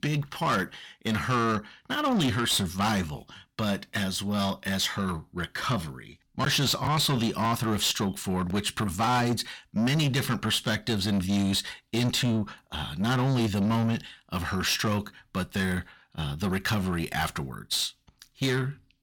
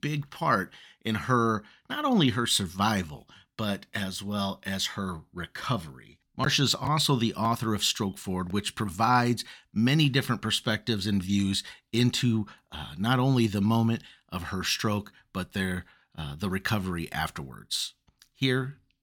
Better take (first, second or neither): second